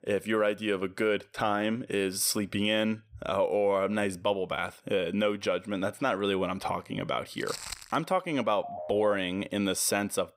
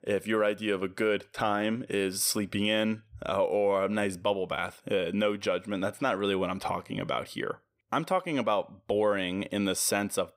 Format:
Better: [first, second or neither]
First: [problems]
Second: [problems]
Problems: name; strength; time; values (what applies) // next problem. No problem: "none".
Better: second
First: footsteps; noticeable; at 7.5 s; peak 8 dB below the speech // phone ringing; faint; at 8.5 s; peak 10 dB below the speech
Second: none